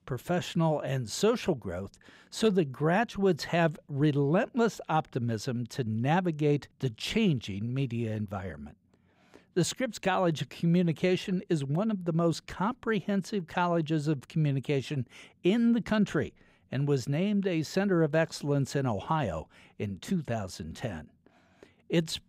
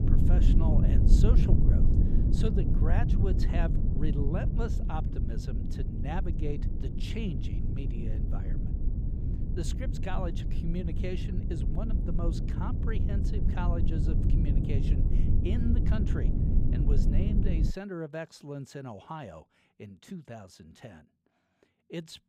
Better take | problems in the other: first | low rumble; loud; until 18 s; 1 dB below the speech

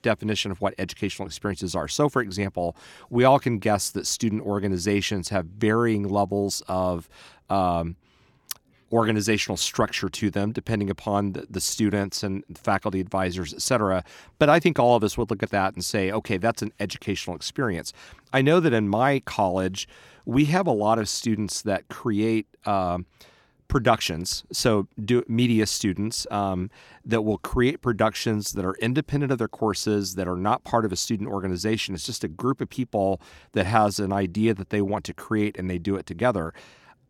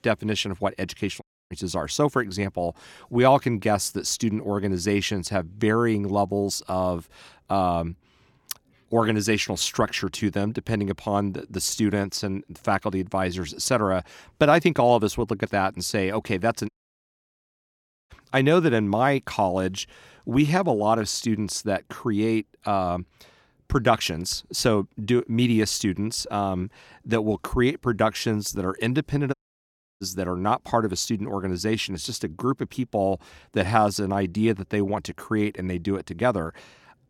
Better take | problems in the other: first | audio cutting out; at 1 s, at 17 s for 1.5 s and at 29 s for 0.5 s

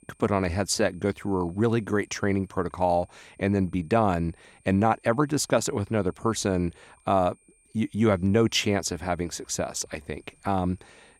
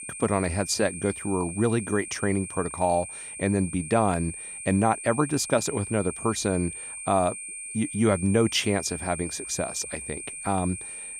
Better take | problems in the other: first | high-pitched whine; loud; throughout; 9 kHz, 9 dB below the speech; faint in the first

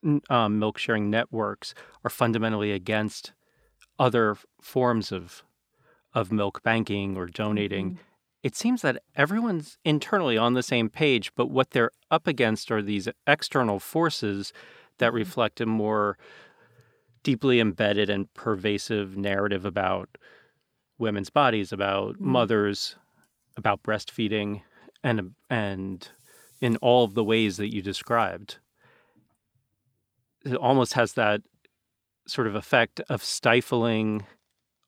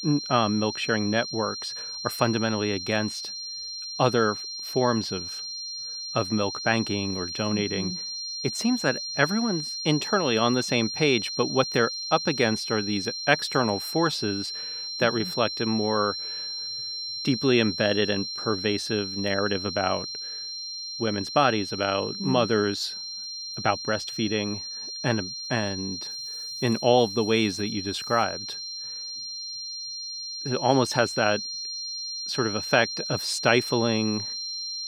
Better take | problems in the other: first | high-pitched whine; loud; throughout; 4 kHz, 6 dB below the speech

